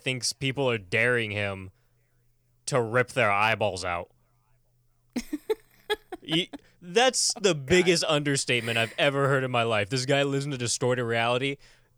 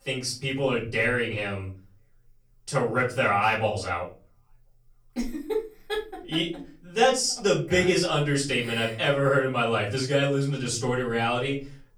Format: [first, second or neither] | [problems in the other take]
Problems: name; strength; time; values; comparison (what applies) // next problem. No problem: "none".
first | off-mic speech; far // room echo; slight; dies away in 0.3 s